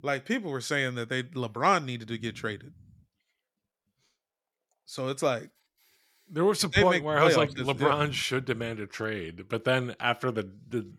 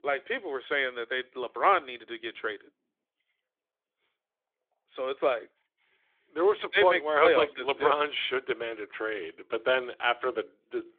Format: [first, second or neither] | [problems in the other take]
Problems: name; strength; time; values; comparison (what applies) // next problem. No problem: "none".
first | phone-call audio; nothing above 3.5 kHz